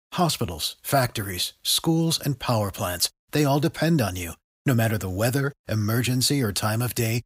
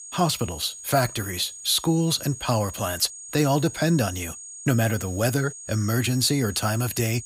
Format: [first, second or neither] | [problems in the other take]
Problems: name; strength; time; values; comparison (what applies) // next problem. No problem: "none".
first | high-pitched whine; noticeable; throughout; 6.5 kHz, 15 dB below the speech